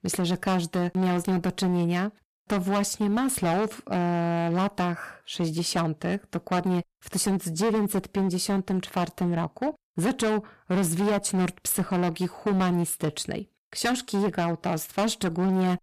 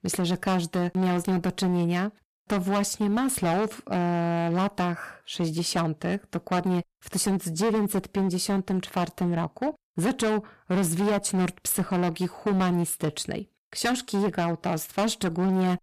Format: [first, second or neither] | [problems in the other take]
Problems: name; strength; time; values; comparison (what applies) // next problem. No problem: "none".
neither | distortion; heavy; 15% of the sound clipped; the same in both